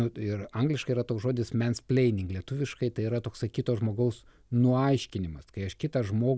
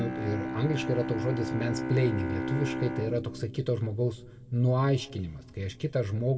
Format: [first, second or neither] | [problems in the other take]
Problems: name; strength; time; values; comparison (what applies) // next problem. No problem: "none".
first | background sound (Bowed string instrument); 6 dB below the speech // room echo; dies away in 1.3 s